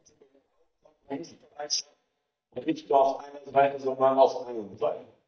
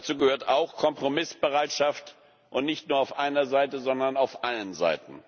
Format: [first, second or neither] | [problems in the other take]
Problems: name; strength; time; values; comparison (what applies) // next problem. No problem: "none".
second | noise reduction (neural mask model DeepFilterNet 3)